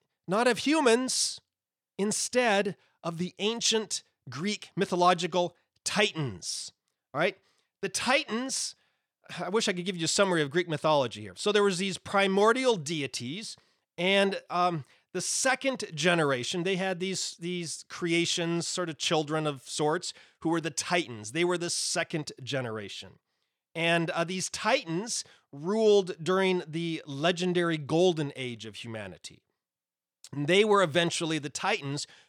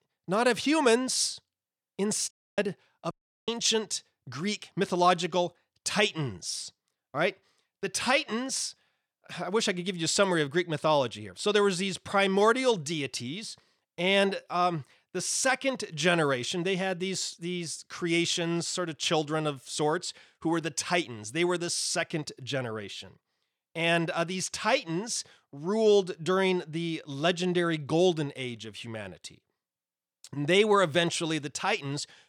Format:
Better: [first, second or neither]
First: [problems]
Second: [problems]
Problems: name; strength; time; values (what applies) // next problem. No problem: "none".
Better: first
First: none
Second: audio cutting out; at 2.5 s and at 3 s